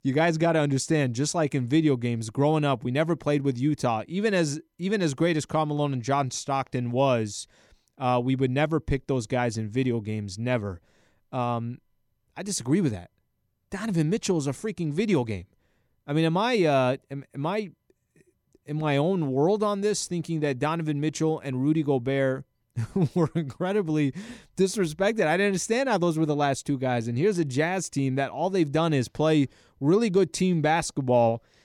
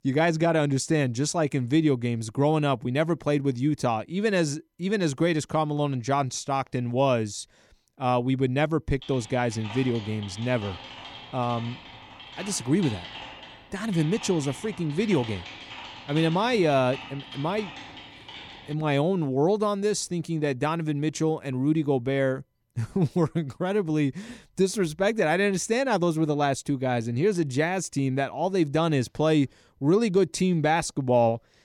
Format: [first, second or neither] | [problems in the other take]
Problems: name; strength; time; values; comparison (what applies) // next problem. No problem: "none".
first | keyboard typing; faint; from 9 to 19 s; peak 10 dB below the speech